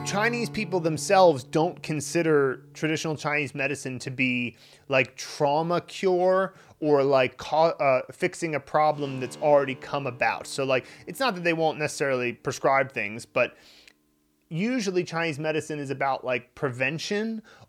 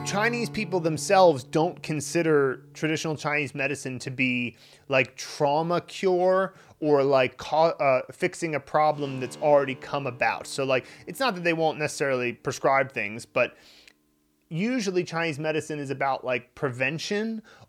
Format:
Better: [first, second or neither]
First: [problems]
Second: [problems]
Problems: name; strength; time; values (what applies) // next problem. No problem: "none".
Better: neither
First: background music; faint; throughout; 20 dB below the speech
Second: background music; faint; throughout; 20 dB below the speech